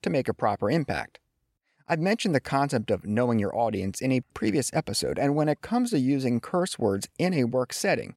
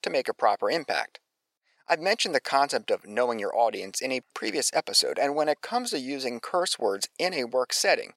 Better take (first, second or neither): first